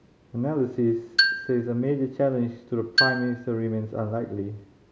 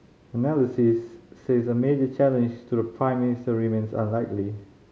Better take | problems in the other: second | background sound (Marimba, xylophone); 2 dB below the speech

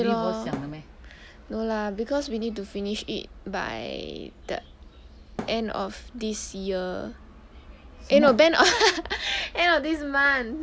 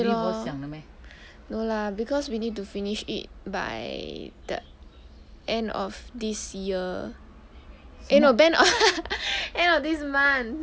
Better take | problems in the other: second | background sound (Thump, thud); 12 dB below the speech

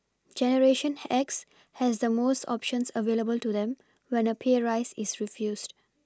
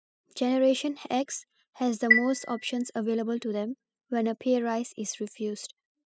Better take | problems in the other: first | noise reduction (classical method spectral subtraction)

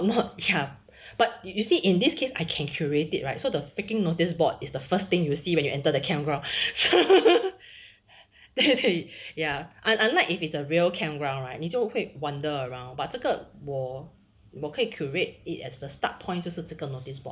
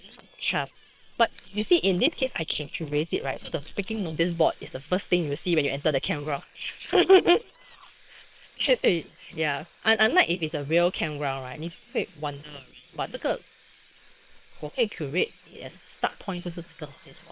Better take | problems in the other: first | noise reduction (neural separator model SepFormer WHAM!)

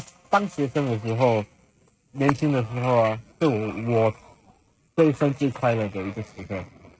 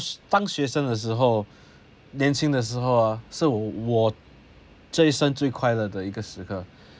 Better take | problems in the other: second | noise reduction (neural mask model RNNoise)

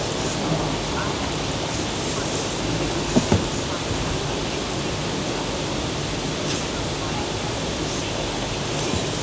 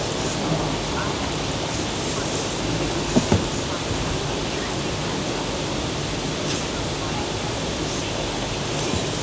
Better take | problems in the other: first | background sound (Bark); 19 dB below the speech

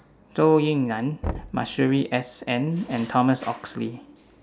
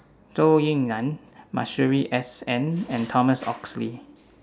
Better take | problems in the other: second | background sound (Knock); 14 dB below the speech

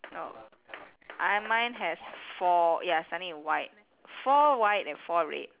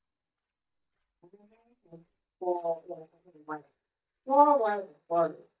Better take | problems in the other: first | noise reduction (neural mask model DeepFilterNet 3)

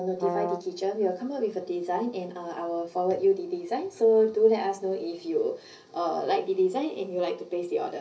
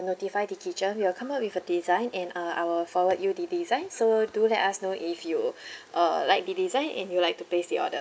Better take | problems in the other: second | background sound (Brass instrument); 6 dB below the speech // room echo; dies away in 0.5 s

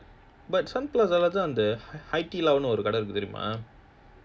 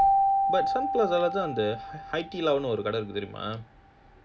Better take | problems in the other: first | background sound (Keyboard (musical)); 1 dB above the speech

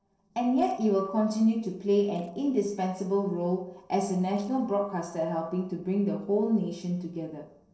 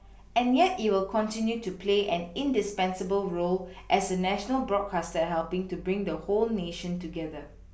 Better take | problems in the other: second | noise reduction (neural separator model SepFormer DNS4)

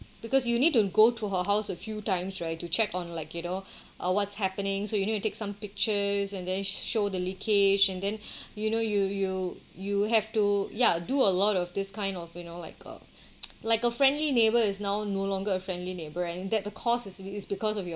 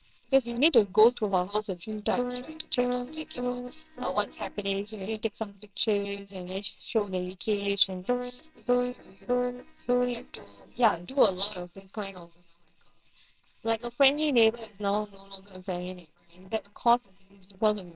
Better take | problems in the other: first | noise reduction (neural separator model SepFormer WHAMR!)

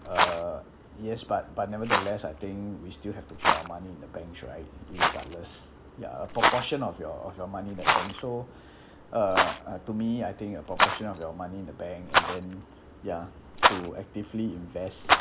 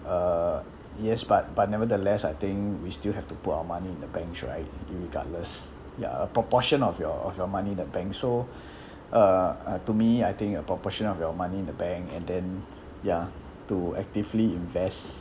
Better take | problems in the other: second | background sound (Rattle); 3 dB above the speech

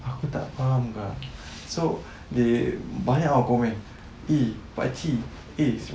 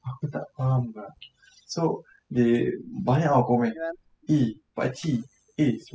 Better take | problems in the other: first | noise reduction (classical method spectral subtraction)

